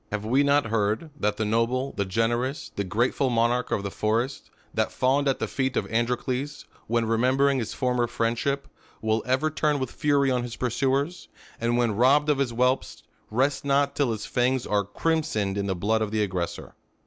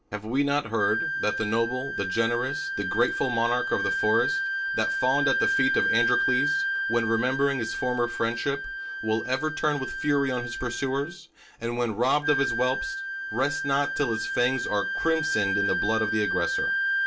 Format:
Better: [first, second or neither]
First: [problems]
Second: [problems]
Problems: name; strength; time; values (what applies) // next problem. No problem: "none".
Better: first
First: none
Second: background sound (Wind instrument, woodwind instrument); 1 dB below the speech // room echo; dies away in 0.2 s